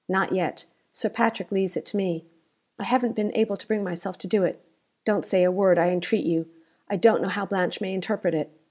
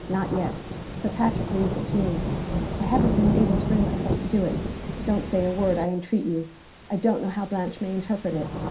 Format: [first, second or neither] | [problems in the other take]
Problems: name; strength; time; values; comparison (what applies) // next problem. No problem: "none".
first | background sound (Rain / Thunderstorm); 2 dB below the speech // room echo; dies away in 0.3 s